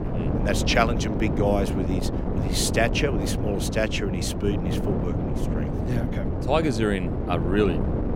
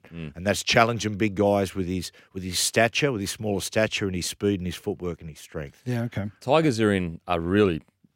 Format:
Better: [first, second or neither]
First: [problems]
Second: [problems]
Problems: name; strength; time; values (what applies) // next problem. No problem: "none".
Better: second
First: wind noise on the microphone; heavy; 6 dB below the speech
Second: none